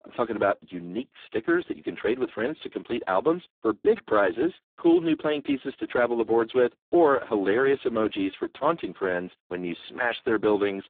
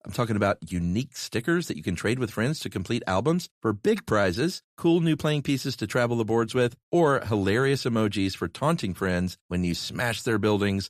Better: second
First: phone-call audio; poor line; nothing above 3.5 kHz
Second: none

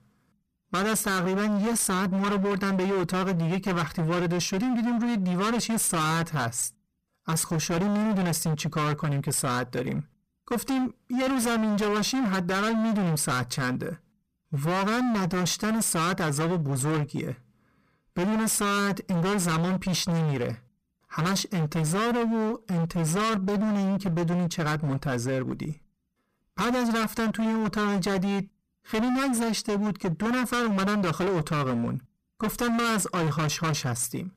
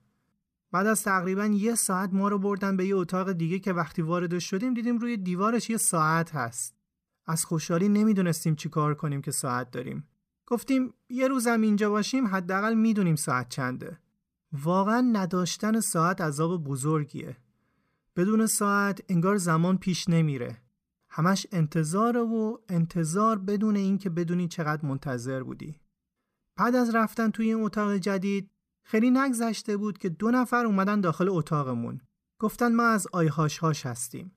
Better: second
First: distortion; heavy; 38% of the sound clipped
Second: none

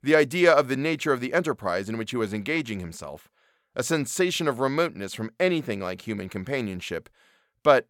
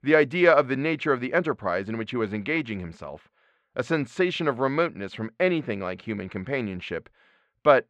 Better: first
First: none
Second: muffled; slightly; fading above 2.5 kHz

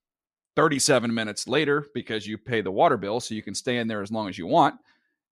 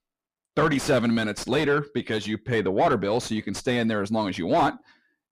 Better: first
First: none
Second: distortion; heavy; 7 dB below the speech

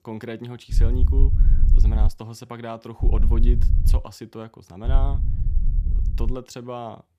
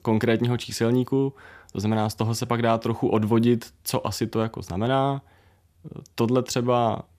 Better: second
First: low rumble; loud; from 0.5 to 2 s, at 3 s and from 5 to 6.5 s; 6 dB below the speech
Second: none

